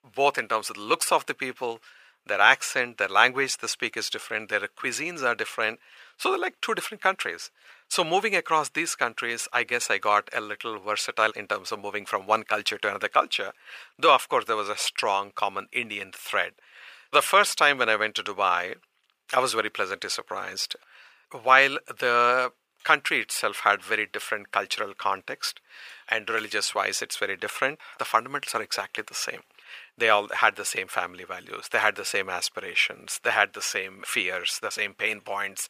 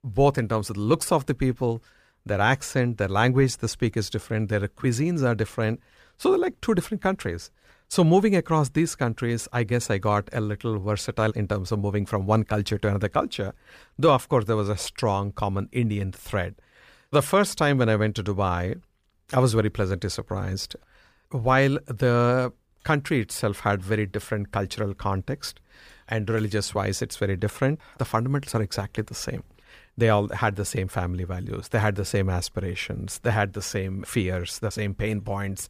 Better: second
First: thin; very; fading below 650 Hz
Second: none

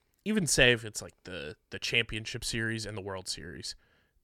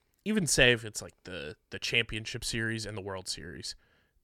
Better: neither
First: none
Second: none

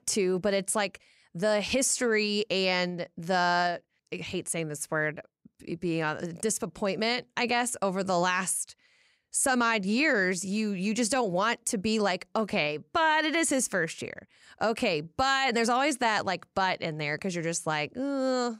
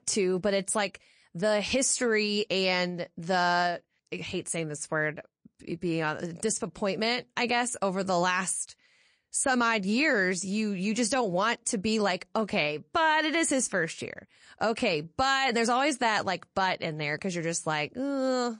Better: first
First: none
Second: garbled, watery; slightly

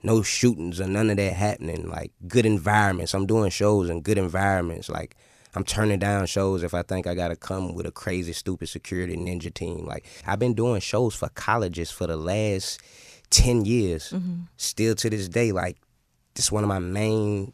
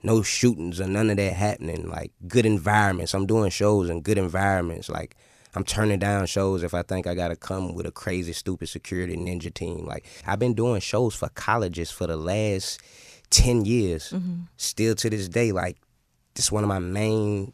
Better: neither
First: none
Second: none

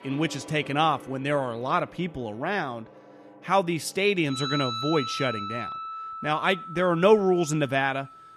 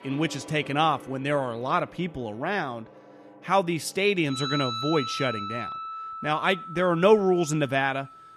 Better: neither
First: background music; loud; throughout; 9 dB below the speech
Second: background music; loud; throughout; 9 dB below the speech

